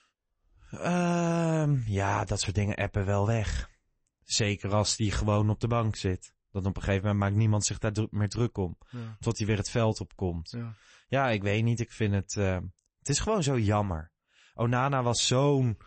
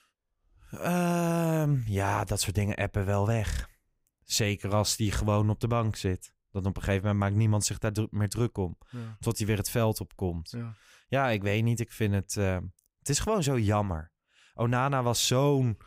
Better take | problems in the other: second | garbled, watery; slightly; nothing above 8 kHz

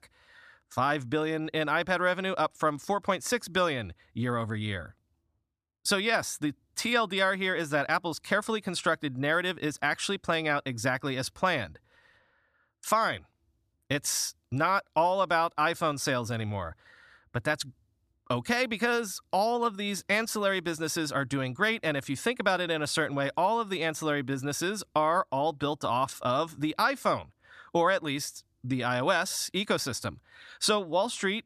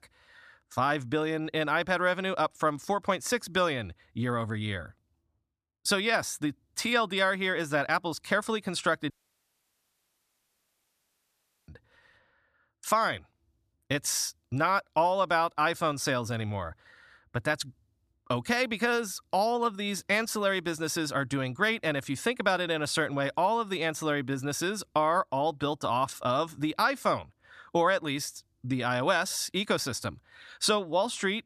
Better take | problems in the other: first | audio cutting out; at 9 s for 2.5 s

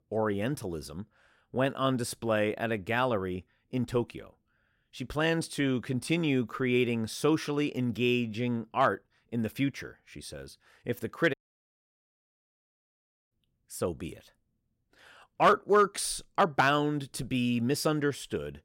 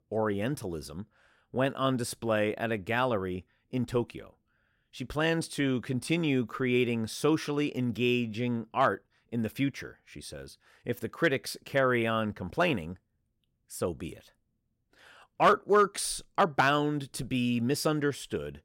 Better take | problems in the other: second | audio cutting out; at 11 s for 2 s

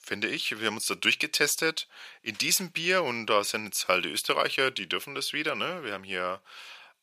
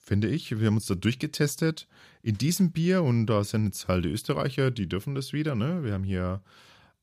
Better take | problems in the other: second | thin; very; fading below 650 Hz

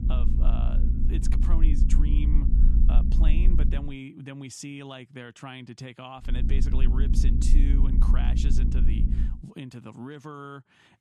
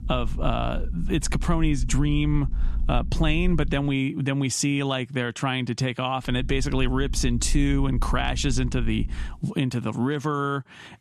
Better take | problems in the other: second | low rumble; loud; until 4 s and from 6.5 to 9.5 s; 1 dB below the speech; faint in the second

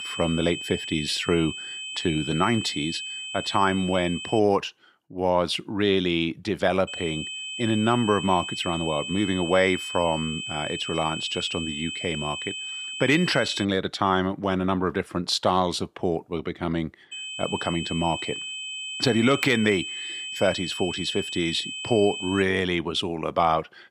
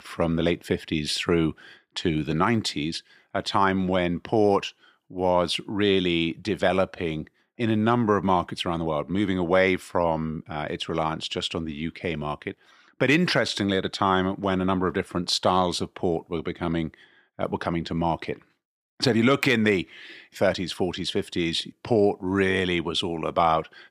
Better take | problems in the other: second | high-pitched whine; loud; until 4.5 s, from 7 to 14 s and from 17 to 22 s; 3 kHz, 6 dB below the speech

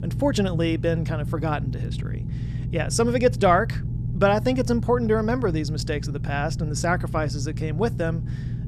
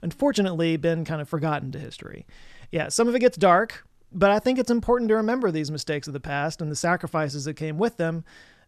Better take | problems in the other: second | low rumble; noticeable; throughout; 15 dB below the speech

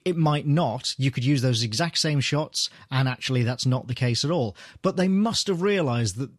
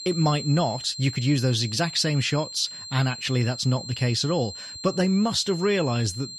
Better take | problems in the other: first | high-pitched whine; noticeable; throughout; 4 kHz, 10 dB below the speech

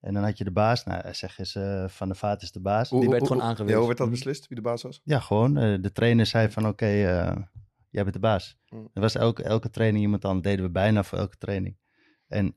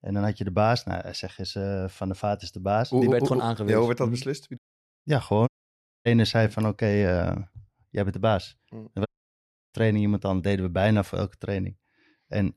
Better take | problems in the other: first | audio cutting out; at 4.5 s, at 5.5 s for 0.5 s and at 9 s for 0.5 s

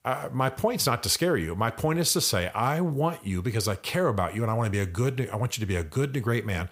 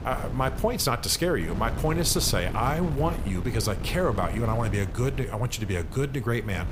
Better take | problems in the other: first | wind noise on the microphone; occasional gusts; 15 dB below the speech

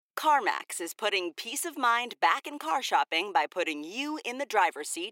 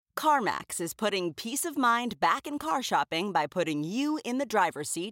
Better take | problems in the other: second | thin; somewhat; fading below 350 Hz

